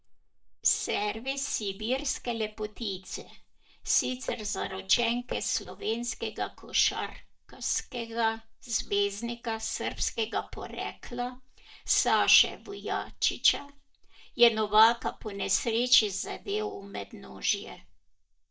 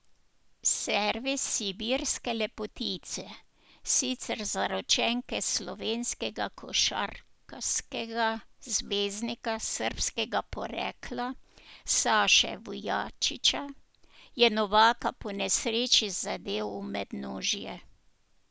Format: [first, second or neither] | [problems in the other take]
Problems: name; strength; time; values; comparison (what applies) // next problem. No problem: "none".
second | noise reduction (neural mask model DeepFilterNet 3)